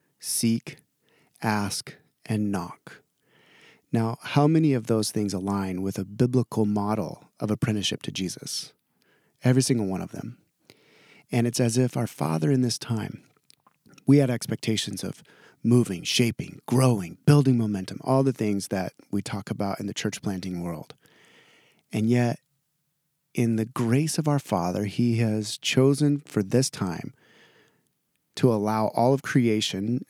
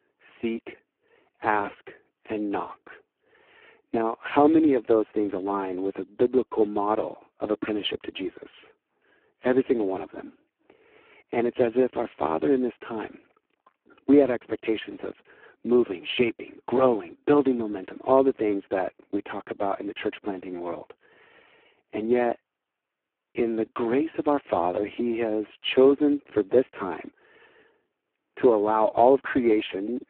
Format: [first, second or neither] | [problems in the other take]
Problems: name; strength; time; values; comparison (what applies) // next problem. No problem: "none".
first | phone-call audio; poor line